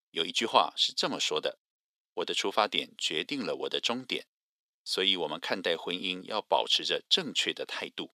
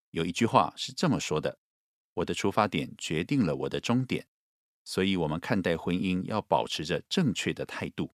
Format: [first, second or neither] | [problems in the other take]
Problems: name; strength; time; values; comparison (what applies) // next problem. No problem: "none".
second | thin; somewhat; fading below 450 Hz